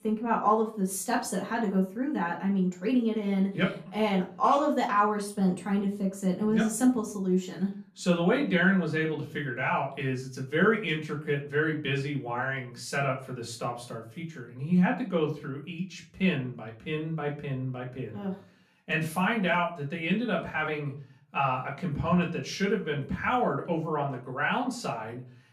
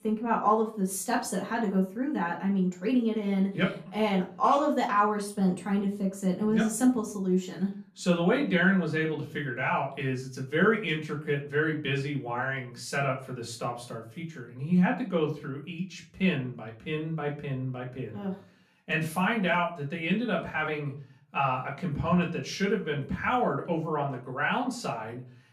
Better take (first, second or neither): neither